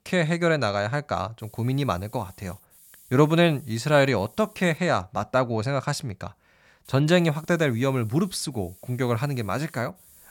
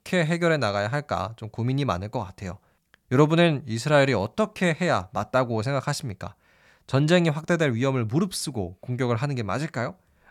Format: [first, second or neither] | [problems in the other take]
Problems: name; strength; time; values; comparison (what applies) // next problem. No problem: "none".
second | hiss; faint; from 1.5 to 5 s and from 7 s on; 25 dB below the speech